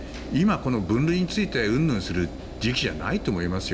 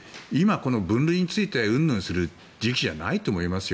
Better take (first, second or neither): second